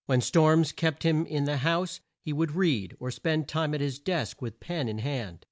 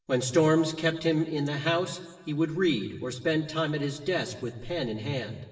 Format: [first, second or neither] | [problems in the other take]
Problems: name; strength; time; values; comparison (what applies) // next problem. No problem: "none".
first | room echo; dies away in 1.3 s